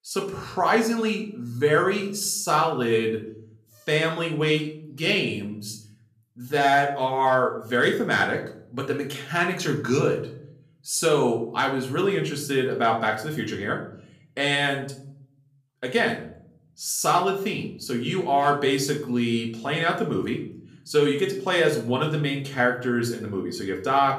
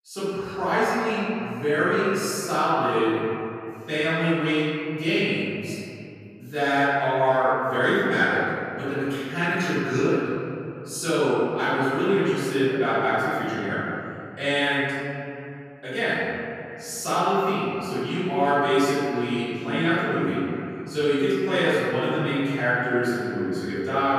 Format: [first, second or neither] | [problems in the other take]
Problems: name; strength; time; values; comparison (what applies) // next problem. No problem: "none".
first | room echo; strong; dies away in 2.7 s; slight in the first // off-mic speech; far; somewhat distant in the first